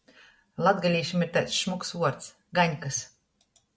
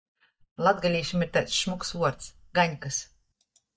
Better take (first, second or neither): first